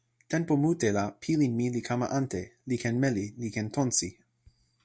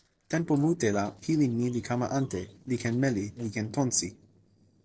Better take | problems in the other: first | noise reduction (neural separator model SepFormer DNS4)

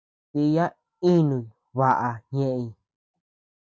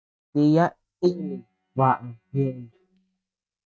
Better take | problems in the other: first | noise reduction (neural mask model DeepFilterNet 3)

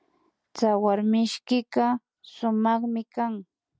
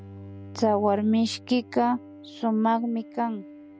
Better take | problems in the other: first | background sound (Bowed string instrument); 18 dB below the speech

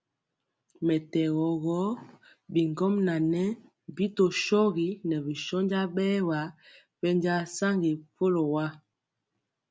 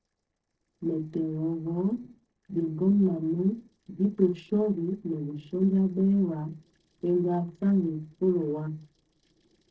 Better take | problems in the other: first | noise reduction (neural separator model SepFormer DNS4)

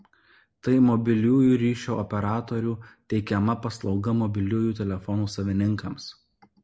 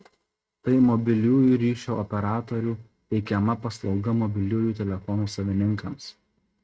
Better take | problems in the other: first | noise reduction (neural mask model RNNoise)

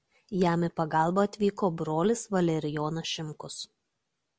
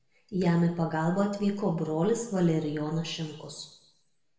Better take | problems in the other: first | room echo; dies away in 0.8 s

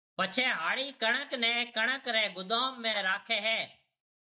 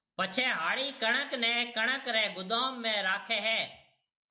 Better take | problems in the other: second | noise reduction (neural mask model DeepFilterNet 3)

